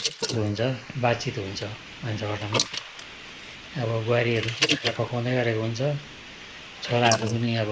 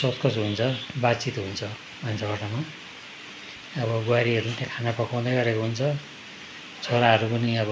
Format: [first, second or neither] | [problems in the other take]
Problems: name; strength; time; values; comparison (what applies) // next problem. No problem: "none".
second | noise reduction (neural mask model Resemble Enhance denoiser)